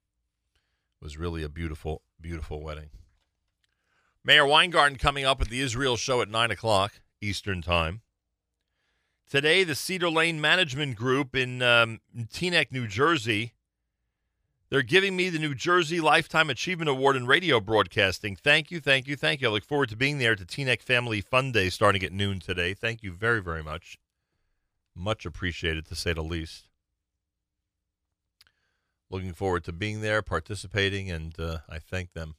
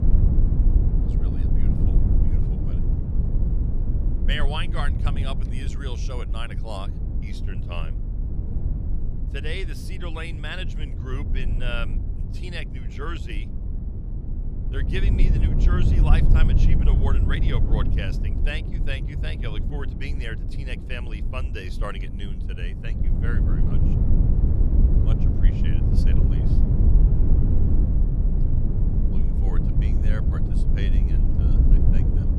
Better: first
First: none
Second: low rumble; loud; throughout; 3 dB below the speech

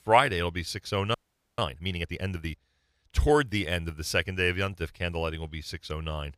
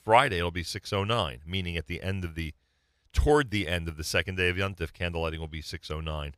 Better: second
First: audio freezing; at 1 s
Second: none

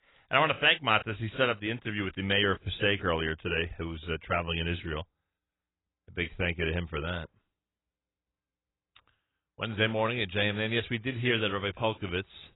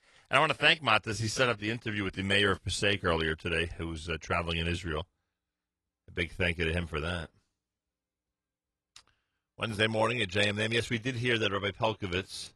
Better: second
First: garbled, watery; badly; nothing above 3.5 kHz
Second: garbled, watery; slightly

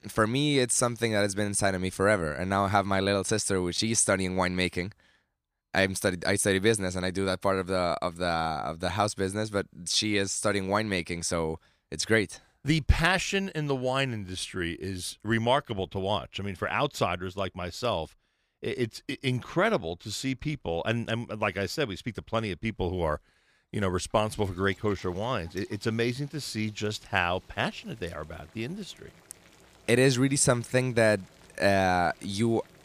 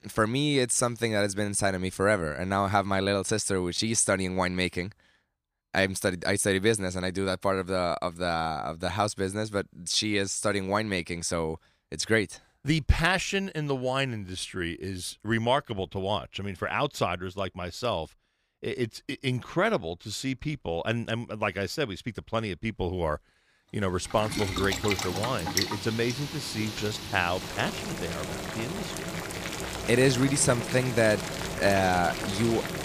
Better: first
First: household noises; faint; from 24 s on; 25 dB below the speech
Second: household noises; loud; from 24 s on; 5 dB below the speech

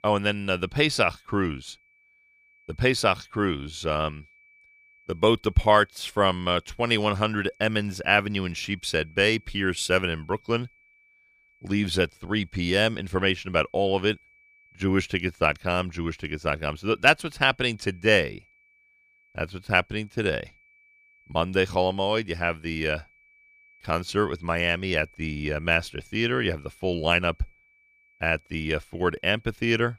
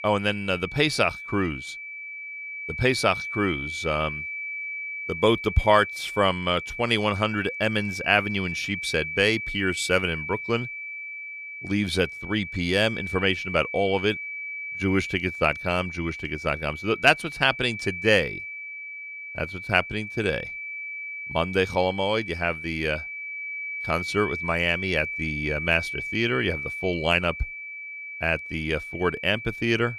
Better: first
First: high-pitched whine; faint; throughout; 2.5 kHz, 30 dB below the speech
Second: high-pitched whine; loud; throughout; 2.5 kHz, 7 dB below the speech

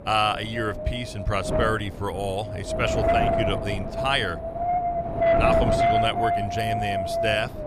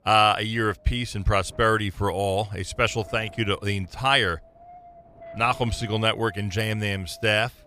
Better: second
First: wind noise on the microphone; heavy; 3 dB above the speech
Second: wind noise on the microphone; occasional gusts; 20 dB below the speech

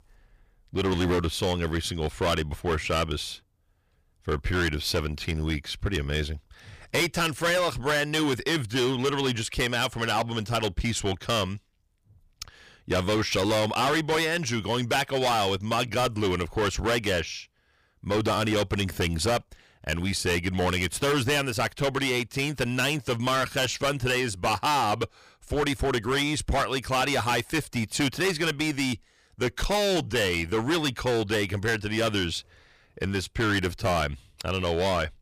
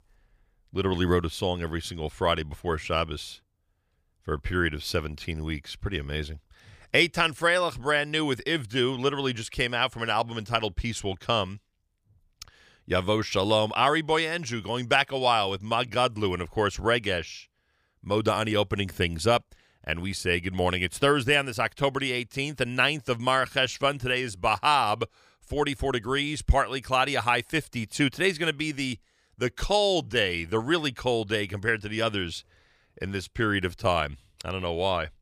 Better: second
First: distortion; heavy; 15% of the sound clipped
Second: none

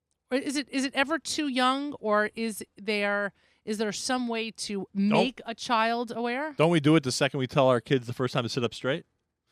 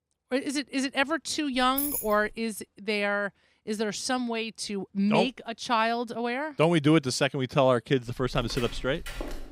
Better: first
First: none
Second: jangling keys; noticeable; at 1.5 s; peak 1 dB below the speech // footsteps; faint; from 8 s on; peak 10 dB below the speech

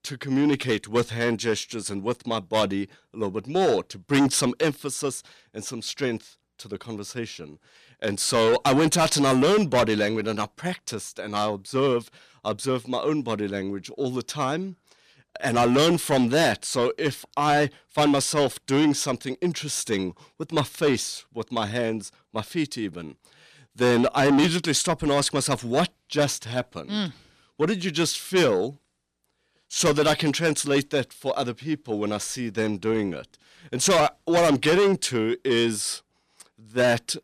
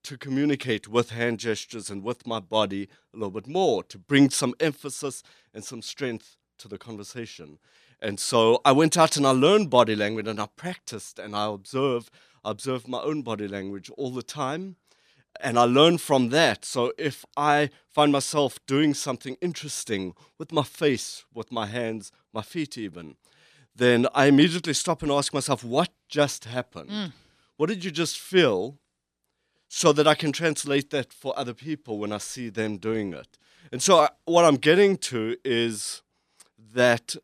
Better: second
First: distortion; heavy; 7 dB below the speech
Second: none

